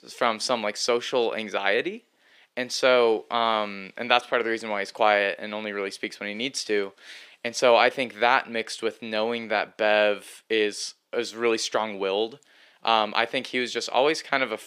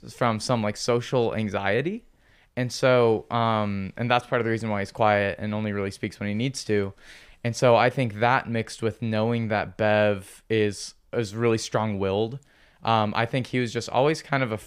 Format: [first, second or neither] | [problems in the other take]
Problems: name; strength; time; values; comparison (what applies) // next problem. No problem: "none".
second | thin; somewhat; fading below 300 Hz